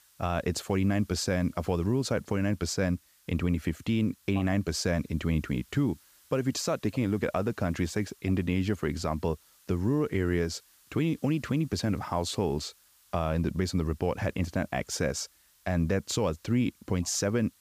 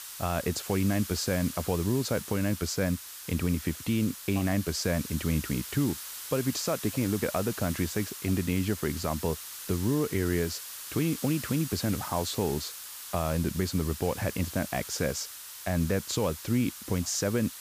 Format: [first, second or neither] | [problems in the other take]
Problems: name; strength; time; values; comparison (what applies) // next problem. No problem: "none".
first | hiss; loud; throughout; 9 dB below the speech; faint in the first